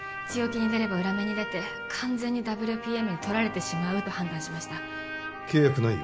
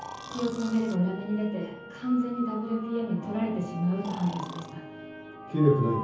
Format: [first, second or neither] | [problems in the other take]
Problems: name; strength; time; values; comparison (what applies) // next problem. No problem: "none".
first | background sound (Breathing); 14 dB below the speech // room echo; dies away in 0.7 s